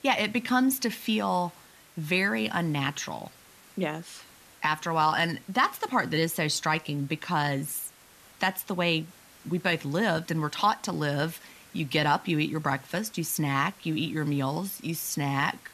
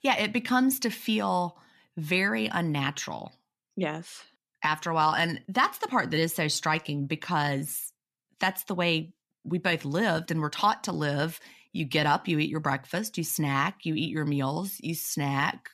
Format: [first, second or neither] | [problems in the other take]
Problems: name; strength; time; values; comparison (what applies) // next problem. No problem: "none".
second | hiss; faint; throughout; 25 dB below the speech